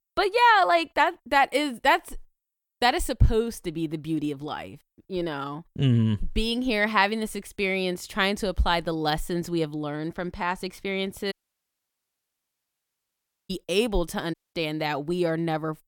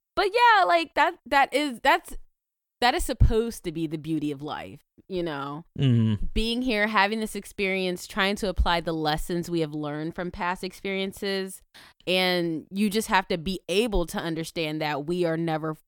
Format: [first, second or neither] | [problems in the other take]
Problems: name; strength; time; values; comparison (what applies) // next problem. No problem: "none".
second | audio cutting out; at 11 s for 2 s and at 14 s